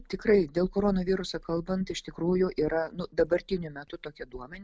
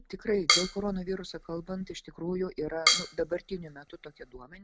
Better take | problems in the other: first | background sound (Drum kit); 2 dB above the speech

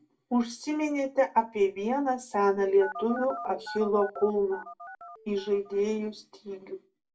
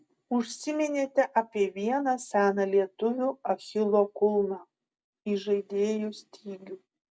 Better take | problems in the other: second | background sound (Telephone); 12 dB below the speech // room echo; dies away in 0.2 s

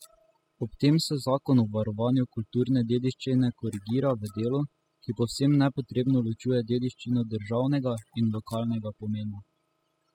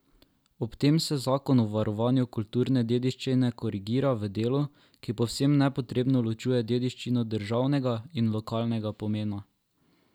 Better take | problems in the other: second | noise reduction (classical method spectral subtraction)

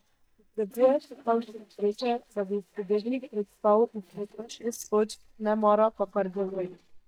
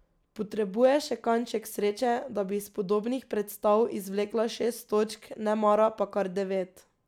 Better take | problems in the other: second | noise reduction (neural mask model DeepFilterNet 3)

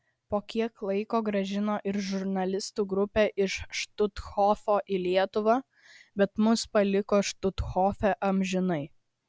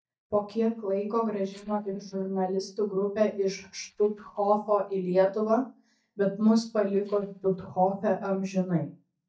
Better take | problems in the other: first | noise reduction (neural mask model DeepFilterNet 3)

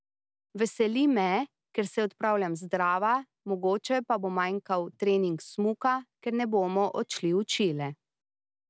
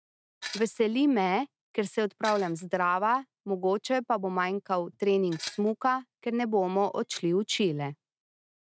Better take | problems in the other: first | noise reduction (neural mask model RNNoise)

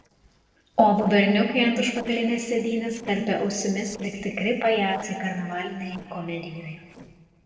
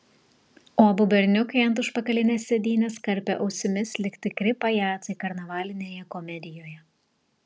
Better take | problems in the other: second | noise reduction (neural separator model SepFormer DNS4)

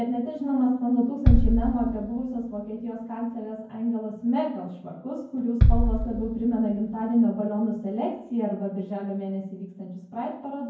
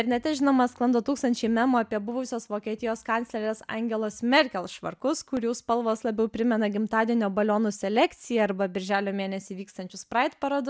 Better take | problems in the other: second | background sound (Bass drum); as loud as the speech // room echo; dies away in 0.9 s

